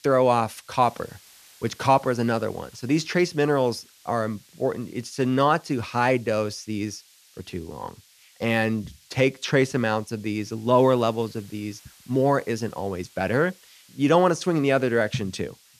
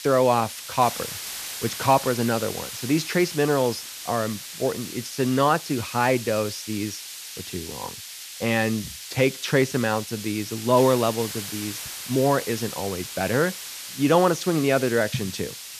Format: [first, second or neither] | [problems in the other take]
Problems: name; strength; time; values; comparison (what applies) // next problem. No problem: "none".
first | hiss; loud; throughout; 9 dB below the speech; faint in the first